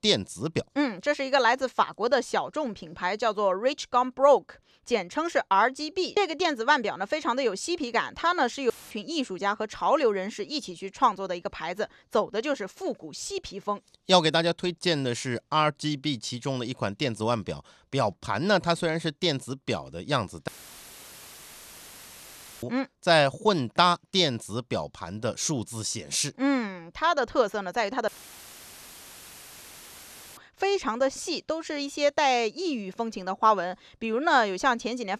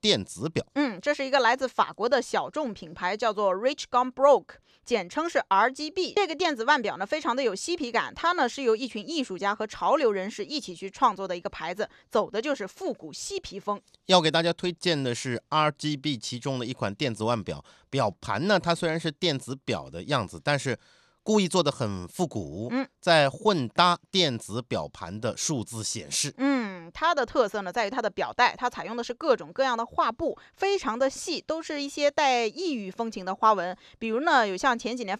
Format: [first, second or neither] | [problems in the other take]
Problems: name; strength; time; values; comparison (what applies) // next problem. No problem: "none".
second | audio cutting out; filled with static; at 8.5 s, at 20 s for 2 s and at 28 s for 2.5 s